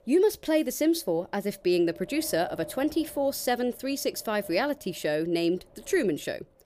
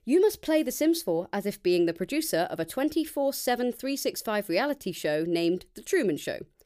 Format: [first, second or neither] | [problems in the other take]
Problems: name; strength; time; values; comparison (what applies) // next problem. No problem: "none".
second | wind noise on the microphone; occasional gusts; 20 dB below the speech